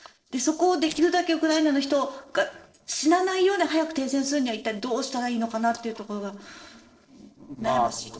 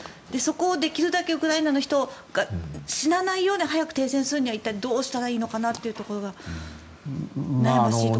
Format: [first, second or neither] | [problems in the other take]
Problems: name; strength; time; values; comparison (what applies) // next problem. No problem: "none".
second | noise reduction (neural separator model SepFormer DNS4)